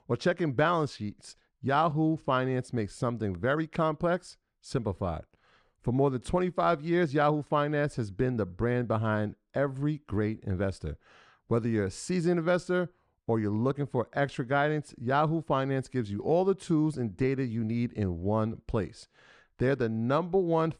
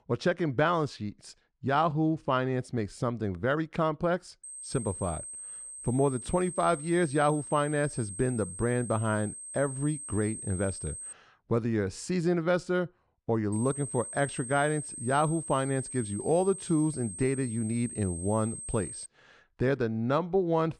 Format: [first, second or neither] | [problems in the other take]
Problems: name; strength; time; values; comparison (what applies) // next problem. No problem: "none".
first | high-pitched whine; loud; from 4.5 to 11 s and from 14 to 19 s; 8.5 kHz, 10 dB below the speech